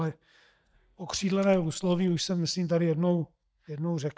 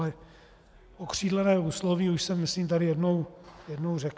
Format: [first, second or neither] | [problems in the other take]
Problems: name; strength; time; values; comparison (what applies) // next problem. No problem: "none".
second | noise reduction (neural mask model DeepFilterNet 3)